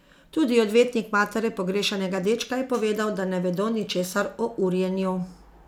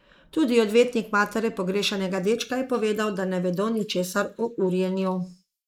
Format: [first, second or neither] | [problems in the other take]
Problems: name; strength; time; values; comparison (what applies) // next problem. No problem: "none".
first | noise reduction (neural mask model Resemble Enhance denoiser)